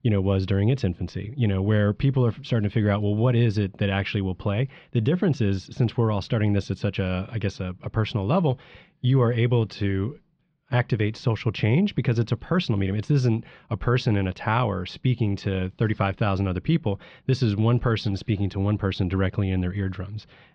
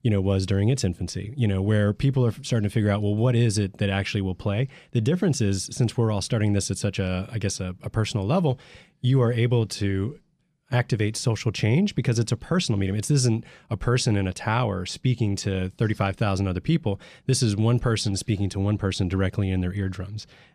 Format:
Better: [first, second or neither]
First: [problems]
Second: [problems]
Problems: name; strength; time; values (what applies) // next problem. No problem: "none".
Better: second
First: muffled; slightly; fading above 4 kHz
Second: none